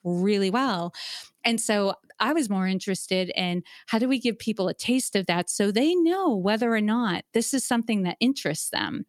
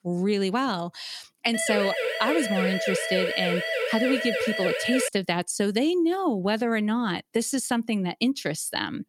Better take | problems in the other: first | siren; noticeable; from 1.5 to 5 s; peak level with the speech

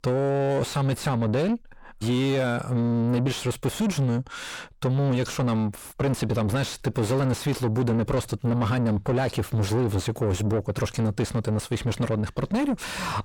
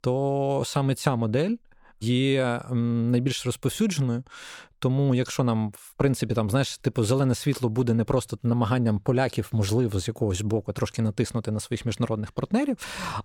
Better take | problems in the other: second | distortion; heavy; 7 dB below the speech

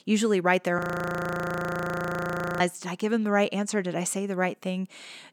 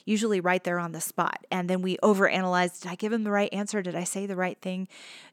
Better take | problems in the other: second | audio freezing; at 1 s for 2 s

